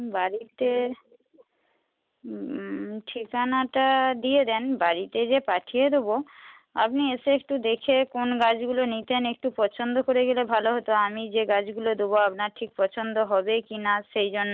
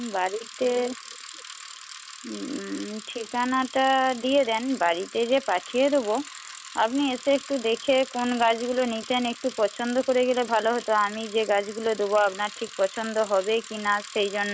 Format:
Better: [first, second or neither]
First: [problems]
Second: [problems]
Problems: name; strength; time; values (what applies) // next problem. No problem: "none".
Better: first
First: none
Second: background sound (Bicycle); 16 dB below the speech